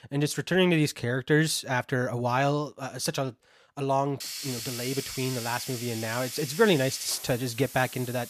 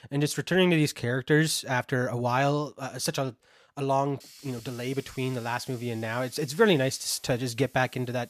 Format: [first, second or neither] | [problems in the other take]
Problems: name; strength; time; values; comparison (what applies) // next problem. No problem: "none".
second | hiss; loud; from 4 s on; 8 dB below the speech; faint in the second